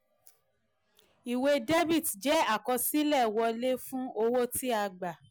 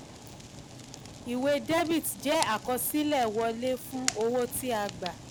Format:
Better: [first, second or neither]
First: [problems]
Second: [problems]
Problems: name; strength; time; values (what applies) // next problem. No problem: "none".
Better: first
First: none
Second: background sound (Fire); 11 dB below the speech